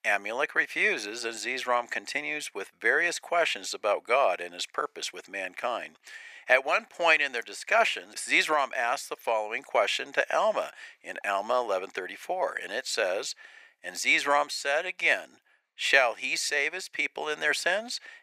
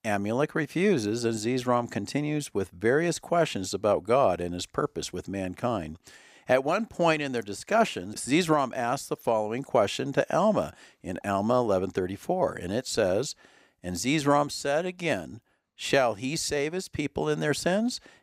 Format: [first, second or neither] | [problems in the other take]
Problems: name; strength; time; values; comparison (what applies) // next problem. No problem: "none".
second | thin; very; fading below 650 Hz